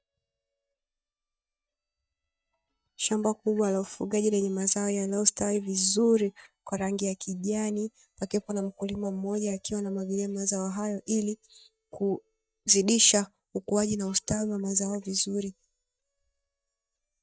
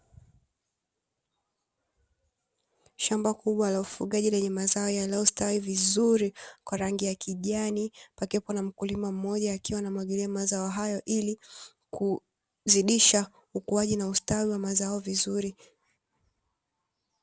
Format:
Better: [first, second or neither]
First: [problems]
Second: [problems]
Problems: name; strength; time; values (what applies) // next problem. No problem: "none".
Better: second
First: noise reduction (neural mask model DeepFilterNet 3)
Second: none